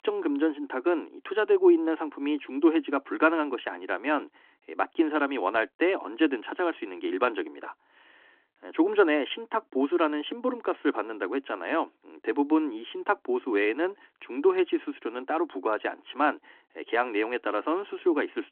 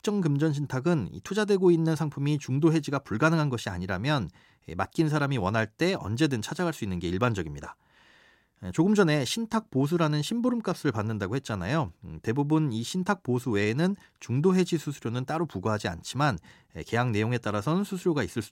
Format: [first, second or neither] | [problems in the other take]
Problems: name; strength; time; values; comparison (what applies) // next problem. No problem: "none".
second | phone-call audio